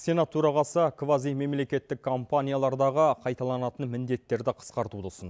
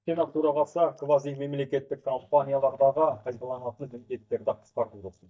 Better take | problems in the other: first | noise reduction (neural mask model DeepFilterNet 3)

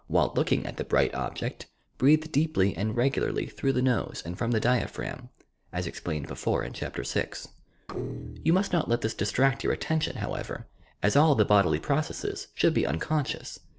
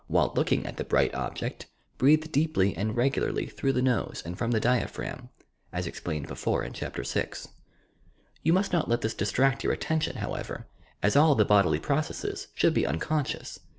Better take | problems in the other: second | noise reduction (neural separator model SepFormer DNS4)

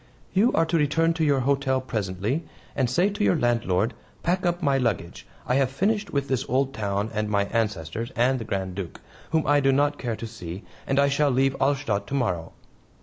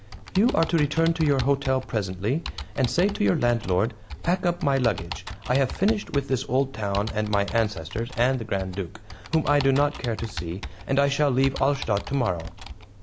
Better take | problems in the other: first | background sound (Computer keyboard); 12 dB below the speech

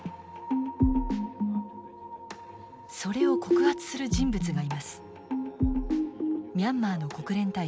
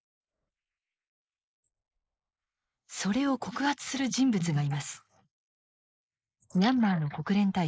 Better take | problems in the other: first | noise reduction (neural mask model Resemble Enhance denoiser)

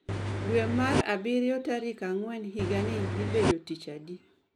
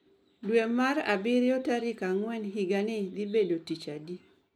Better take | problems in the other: second | background sound (Engine); 1 dB above the speech

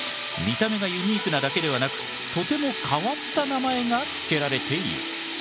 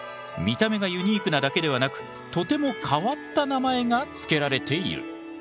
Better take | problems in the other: second | background sound (Sink (filling or washing)); 6 dB below the speech

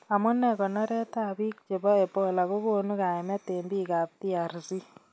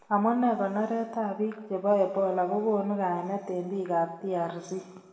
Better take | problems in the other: first | room echo; dies away in 1.1 s

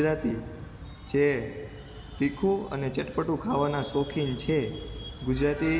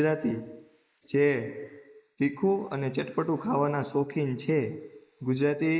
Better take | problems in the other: first | noise reduction (neural mask model Resemble Enhance denoiser)

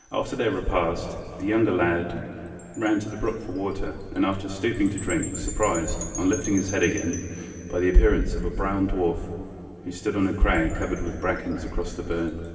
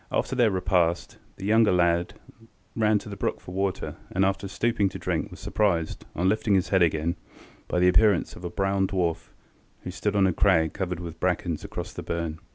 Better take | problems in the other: second | background sound (Wind chime); 18 dB below the speech // room echo; dies away in 2.9 s

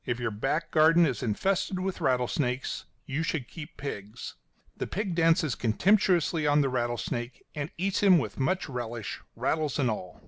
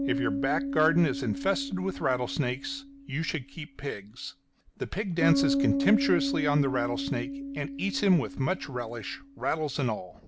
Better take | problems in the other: first | background sound (Bass guitar); 4 dB below the speech

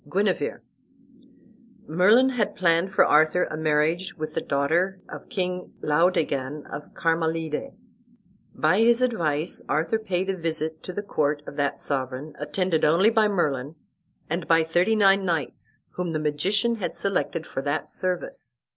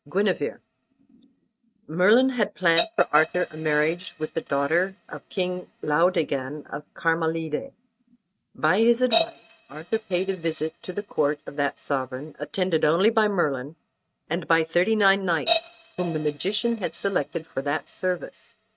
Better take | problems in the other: first | noise reduction (neural mask model RNNoise)

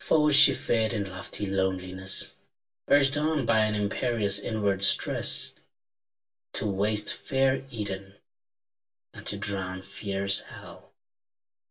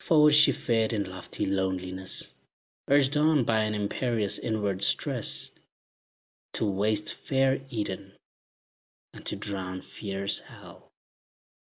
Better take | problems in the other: second | room echo; dies away in 0.1 s

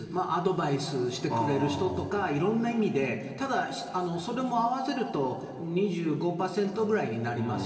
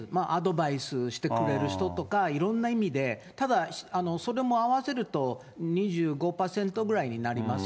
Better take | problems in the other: second | room echo; dies away in 2.4 s

